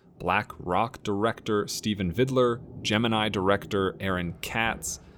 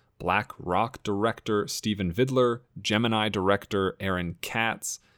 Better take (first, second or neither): second